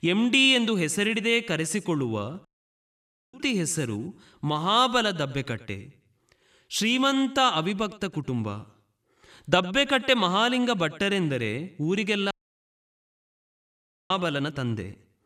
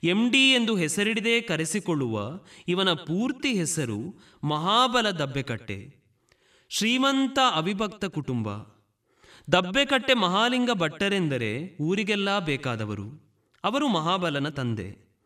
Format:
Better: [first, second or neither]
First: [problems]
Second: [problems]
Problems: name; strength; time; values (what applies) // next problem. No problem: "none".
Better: second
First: audio cutting out; at 2.5 s for 1 s and at 12 s for 2 s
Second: none